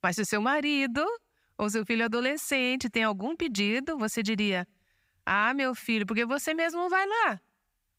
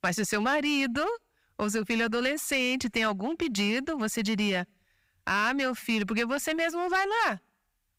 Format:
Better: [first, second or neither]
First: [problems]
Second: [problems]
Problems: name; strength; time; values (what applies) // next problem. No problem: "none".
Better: first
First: none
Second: distortion; slight; 7% of the sound clipped